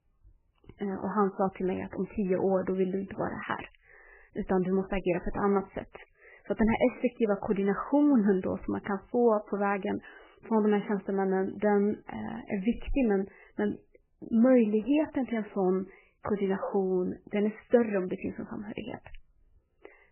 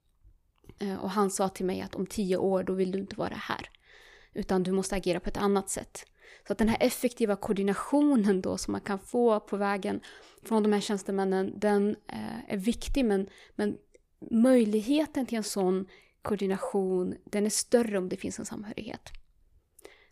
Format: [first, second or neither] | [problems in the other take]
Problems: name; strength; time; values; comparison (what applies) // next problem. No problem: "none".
second | garbled, watery; badly; nothing above 3 kHz